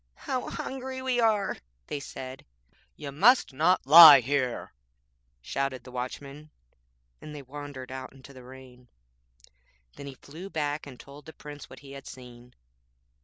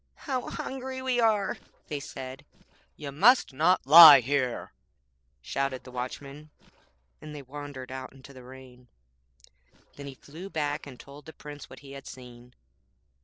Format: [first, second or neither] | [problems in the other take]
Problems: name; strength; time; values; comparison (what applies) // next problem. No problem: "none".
first | noise reduction (neural separator model SepFormer DNS4)